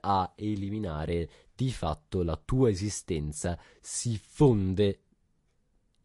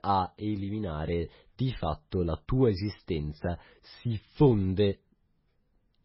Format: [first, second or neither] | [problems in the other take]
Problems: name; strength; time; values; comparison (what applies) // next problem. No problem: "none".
first | garbled, watery; badly; nothing above 5.5 kHz; slightly in the first